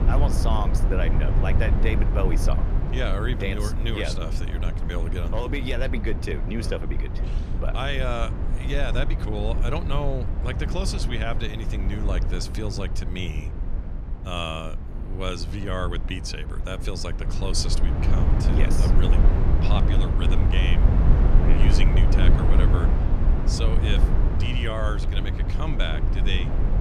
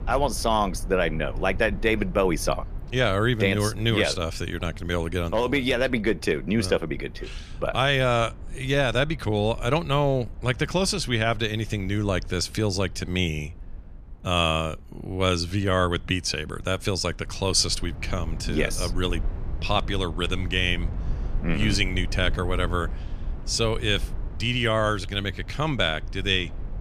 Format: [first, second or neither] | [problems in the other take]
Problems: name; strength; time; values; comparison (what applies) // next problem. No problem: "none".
second | low rumble; loud; throughout; 4 dB below the speech; faint in the second